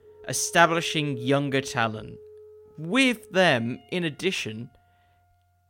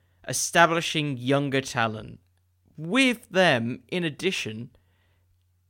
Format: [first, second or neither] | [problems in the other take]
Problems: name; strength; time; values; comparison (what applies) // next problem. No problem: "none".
second | background music; noticeable; throughout; 20 dB below the speech